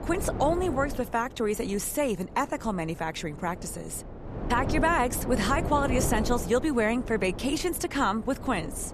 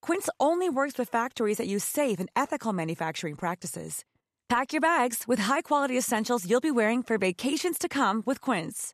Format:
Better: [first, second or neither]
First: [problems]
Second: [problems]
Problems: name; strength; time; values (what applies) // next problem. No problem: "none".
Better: second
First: wind noise on the microphone; occasional gusts; 10 dB below the speech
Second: none